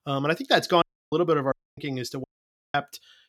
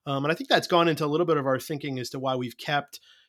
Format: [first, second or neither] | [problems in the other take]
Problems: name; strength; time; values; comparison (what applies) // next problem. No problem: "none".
second | audio cutting out; at 1 s, at 1.5 s and at 2 s for 0.5 s